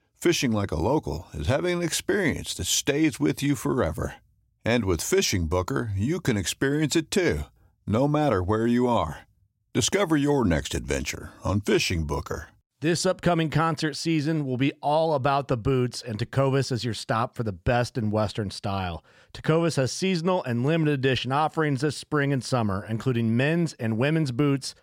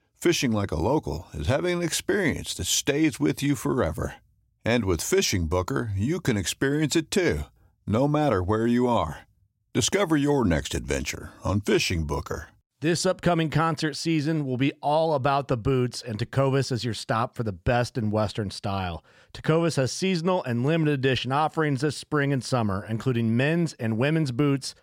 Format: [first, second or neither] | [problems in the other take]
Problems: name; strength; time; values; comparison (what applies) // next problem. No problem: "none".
neither | none